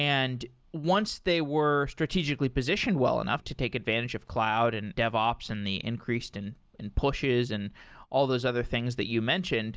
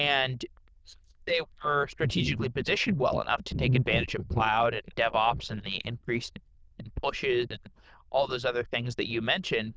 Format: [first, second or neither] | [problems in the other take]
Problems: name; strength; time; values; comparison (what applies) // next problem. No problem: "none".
first | noise reduction (neural diffusion model UNIVERSE++)